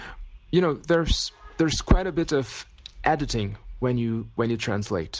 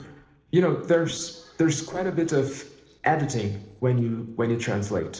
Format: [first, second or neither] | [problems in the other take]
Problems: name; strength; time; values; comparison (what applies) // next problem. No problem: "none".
first | noise reduction (neural separator model SepFormer DNS4)